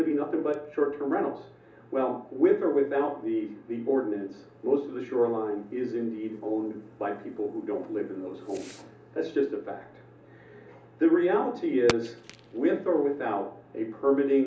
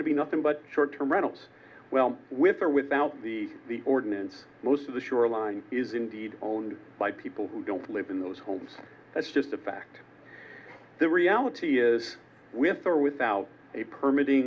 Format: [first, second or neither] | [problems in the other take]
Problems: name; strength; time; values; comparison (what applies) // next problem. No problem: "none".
second | background sound (Fireworks); 20 dB below the speech // room echo; dies away in 0.8 s